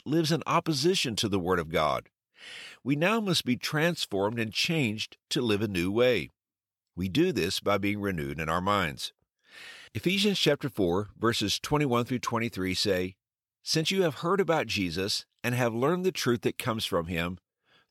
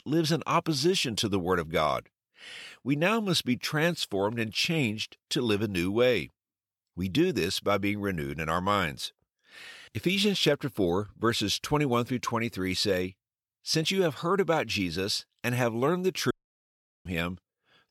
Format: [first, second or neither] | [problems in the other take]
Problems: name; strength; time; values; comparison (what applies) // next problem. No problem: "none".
first | audio cutting out; at 16 s for 0.5 s